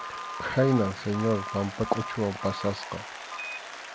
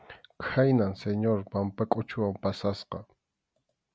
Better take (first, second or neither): second